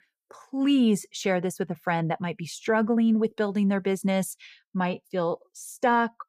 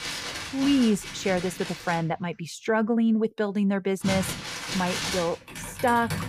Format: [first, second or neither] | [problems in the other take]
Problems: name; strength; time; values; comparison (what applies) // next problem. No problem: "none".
first | household noises; loud; throughout; 7 dB below the speech